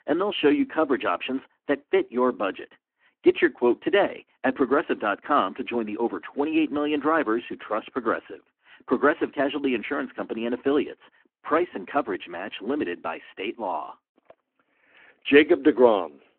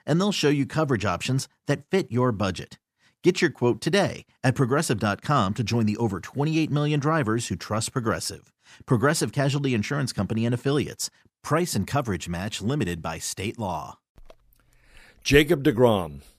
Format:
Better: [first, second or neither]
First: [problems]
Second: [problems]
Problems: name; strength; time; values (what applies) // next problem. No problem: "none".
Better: second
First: phone-call audio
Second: none